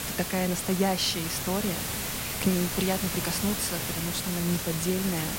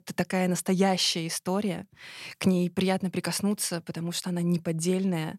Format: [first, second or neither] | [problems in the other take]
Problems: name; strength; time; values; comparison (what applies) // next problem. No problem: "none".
second | hiss; loud; throughout; 2 dB below the speech